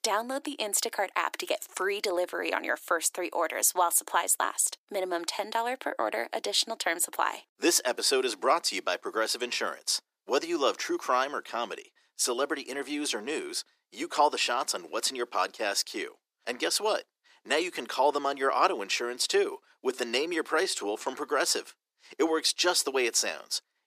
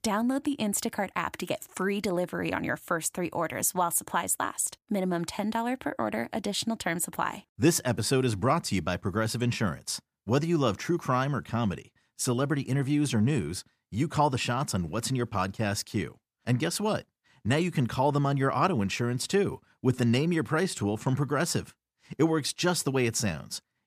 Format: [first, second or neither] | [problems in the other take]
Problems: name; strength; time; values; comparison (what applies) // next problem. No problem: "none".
second | thin; very; fading below 350 Hz